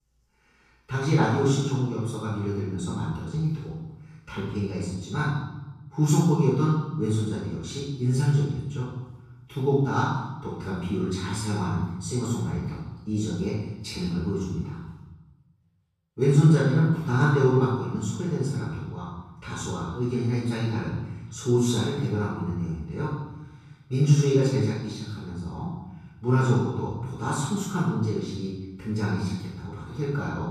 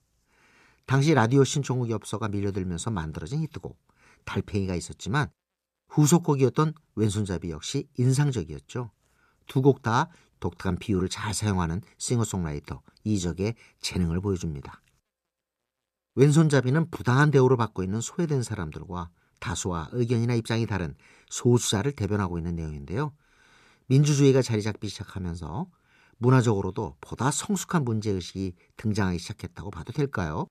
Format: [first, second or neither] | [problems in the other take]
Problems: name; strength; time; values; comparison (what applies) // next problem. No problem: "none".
second | room echo; strong; dies away in 1 s // off-mic speech; far